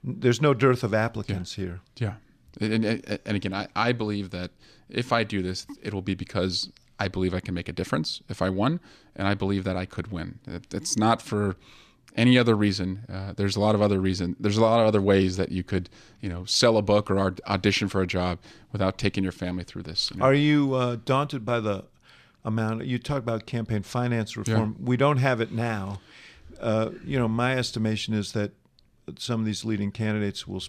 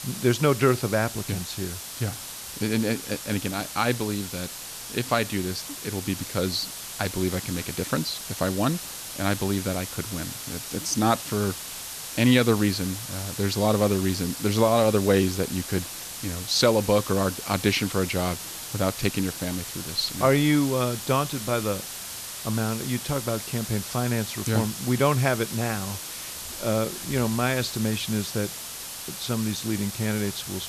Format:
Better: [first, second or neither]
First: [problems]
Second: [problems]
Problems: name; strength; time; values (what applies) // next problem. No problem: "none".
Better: first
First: none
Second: hiss; loud; throughout; 8 dB below the speech